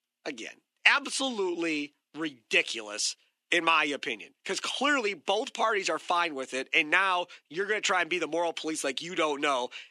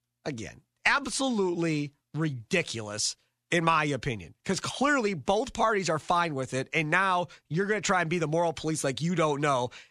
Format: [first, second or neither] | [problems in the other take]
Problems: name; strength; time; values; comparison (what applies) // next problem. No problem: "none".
second | thin; very slightly; fading below 300 Hz